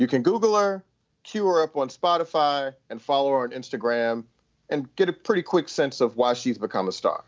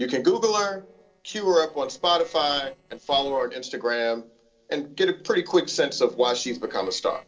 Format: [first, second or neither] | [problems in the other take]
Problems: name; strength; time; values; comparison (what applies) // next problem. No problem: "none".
first | noise reduction (neural separator model SepFormer DNS4)